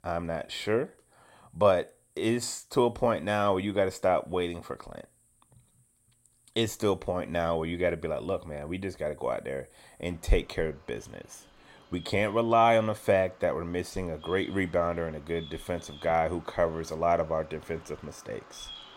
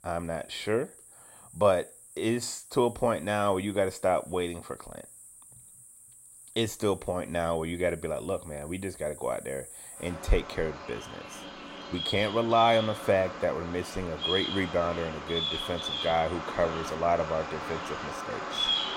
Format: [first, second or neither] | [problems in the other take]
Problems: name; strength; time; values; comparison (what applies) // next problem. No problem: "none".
first | animal sounds; loud; throughout; 6 dB below the speech; faint in the first